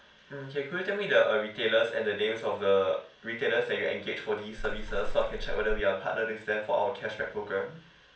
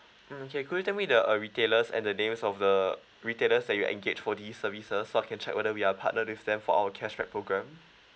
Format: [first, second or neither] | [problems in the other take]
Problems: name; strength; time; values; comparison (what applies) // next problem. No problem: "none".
second | background sound (Water / Splash, splatter); 3 dB below the speech // room echo; dies away in 0.4 s